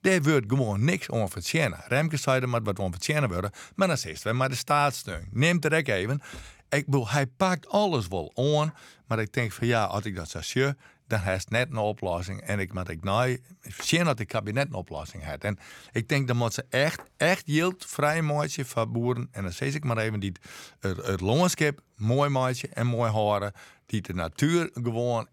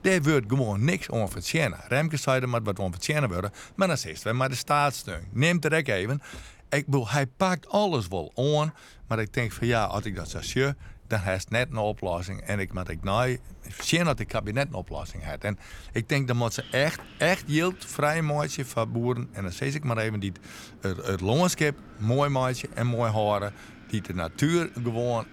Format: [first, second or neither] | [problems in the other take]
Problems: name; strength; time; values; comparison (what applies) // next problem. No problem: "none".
first | wind in the background; faint; throughout; 20 dB below the speech